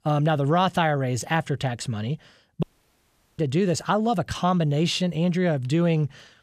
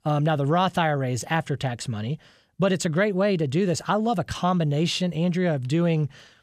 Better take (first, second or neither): second